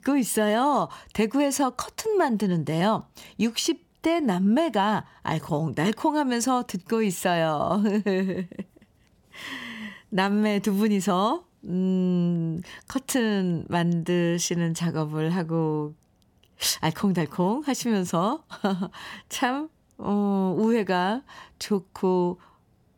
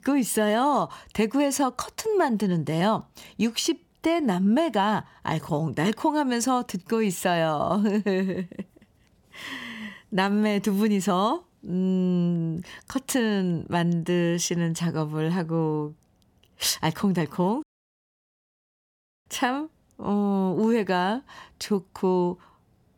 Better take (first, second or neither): first